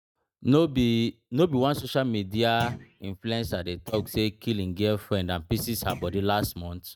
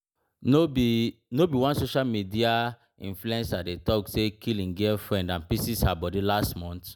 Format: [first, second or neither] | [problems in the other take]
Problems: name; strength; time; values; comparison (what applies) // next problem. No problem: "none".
second | noise reduction (neural mask model RNNoise)